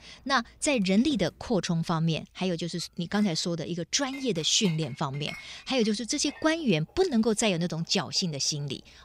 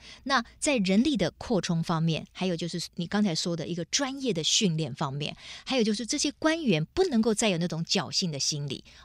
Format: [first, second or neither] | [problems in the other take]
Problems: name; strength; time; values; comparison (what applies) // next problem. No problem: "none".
second | household noises; faint; throughout; 20 dB below the speech